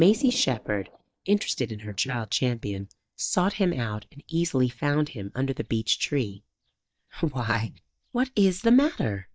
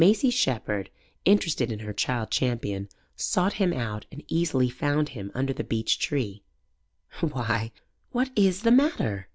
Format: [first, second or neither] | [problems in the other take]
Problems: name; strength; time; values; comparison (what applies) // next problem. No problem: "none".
second | noise reduction (neural mask model DeepFilterNet 3)